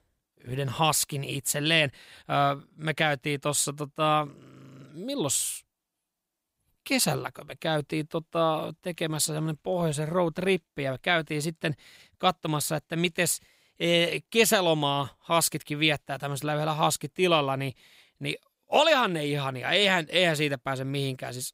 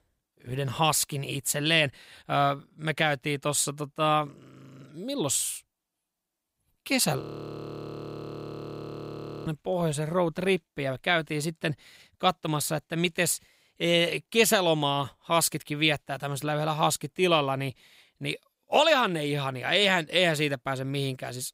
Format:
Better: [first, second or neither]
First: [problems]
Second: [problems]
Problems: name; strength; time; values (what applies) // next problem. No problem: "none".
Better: first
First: none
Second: audio freezing; at 7 s for 2.5 s